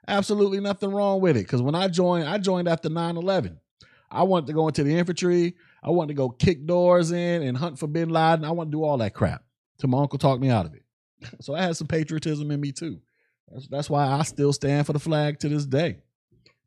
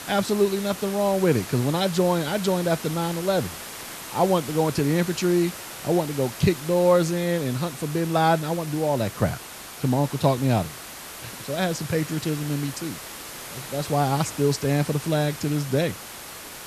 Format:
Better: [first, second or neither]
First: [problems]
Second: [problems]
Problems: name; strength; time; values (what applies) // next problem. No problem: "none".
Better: first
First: none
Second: hiss; noticeable; throughout; 10 dB below the speech